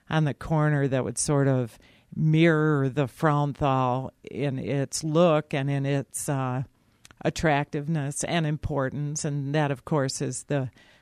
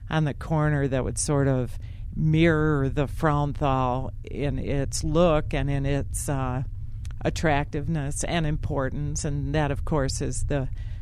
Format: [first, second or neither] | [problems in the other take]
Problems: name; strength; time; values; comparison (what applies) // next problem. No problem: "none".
first | low rumble; faint; throughout; 25 dB below the speech